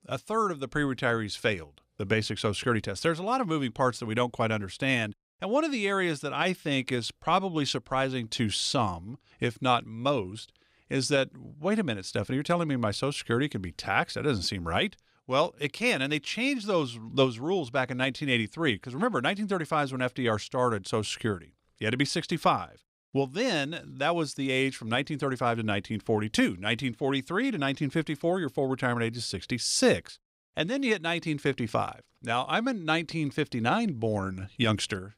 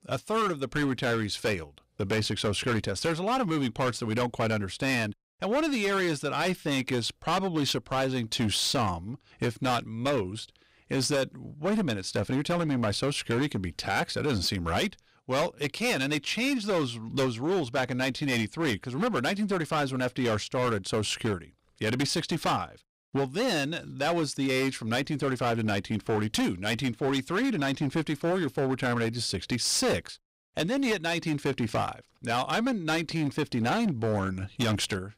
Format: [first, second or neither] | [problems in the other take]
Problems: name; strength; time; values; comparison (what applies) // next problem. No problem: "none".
first | distortion; heavy; 13% of the sound clipped